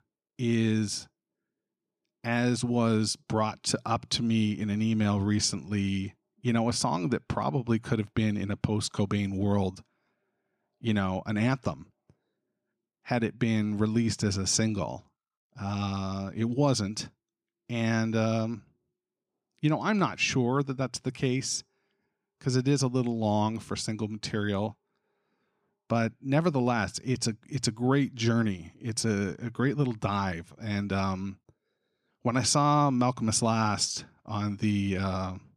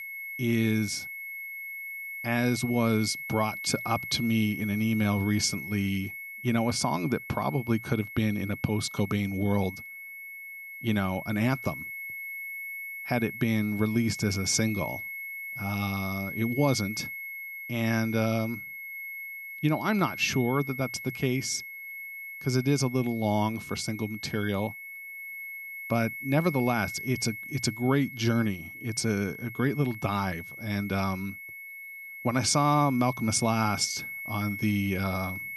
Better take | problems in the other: first | high-pitched whine; loud; throughout; 2 kHz, 9 dB below the speech

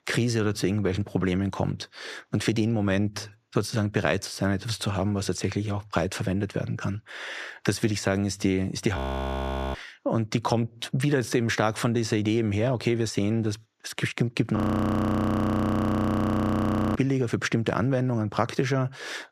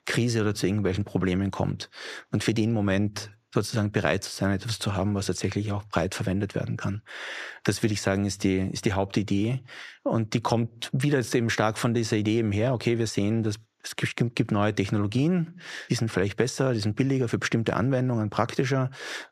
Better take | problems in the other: second | audio freezing; at 9 s for 1 s and at 15 s for 2.5 s

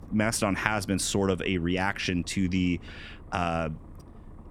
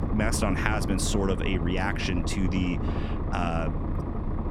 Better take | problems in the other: first | low rumble; loud; throughout; 6 dB below the speech; faint in the first

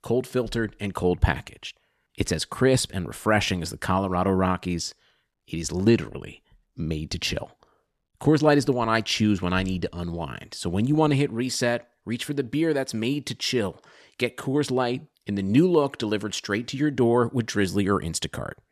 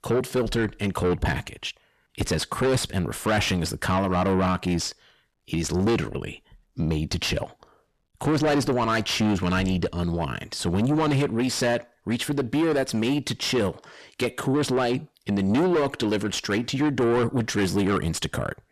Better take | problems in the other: first | distortion; heavy; 6 dB below the speech

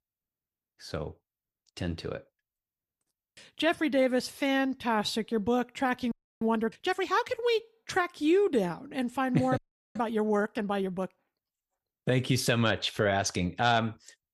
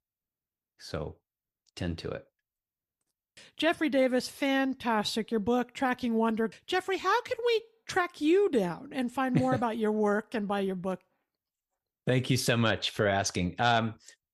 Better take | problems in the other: second | audio freezing; at 6 s and at 9.5 s

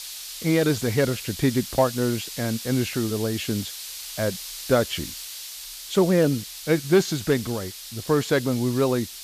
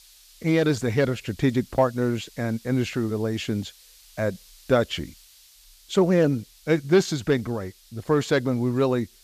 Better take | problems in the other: second | hiss; loud; throughout; 10 dB below the speech; faint in the second

